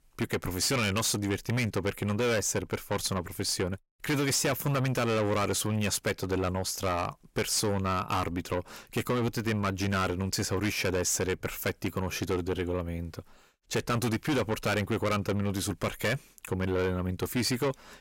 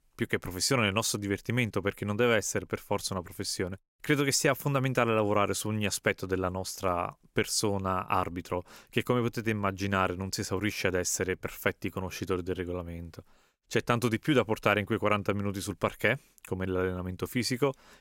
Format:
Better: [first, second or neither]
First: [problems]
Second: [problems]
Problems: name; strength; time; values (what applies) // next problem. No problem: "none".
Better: second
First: distortion; heavy; 6 dB below the speech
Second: none